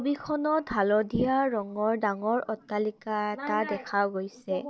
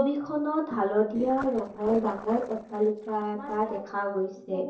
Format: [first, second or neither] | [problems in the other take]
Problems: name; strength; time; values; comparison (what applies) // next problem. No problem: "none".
first | noise reduction (neural separator model SepFormer DNS4)